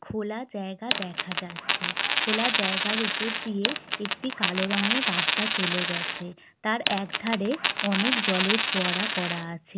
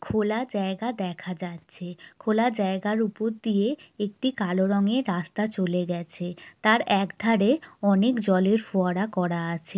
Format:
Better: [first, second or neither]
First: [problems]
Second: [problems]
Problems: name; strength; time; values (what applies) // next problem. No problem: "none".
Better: second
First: background sound (Coin (dropping)); 3 dB above the speech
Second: none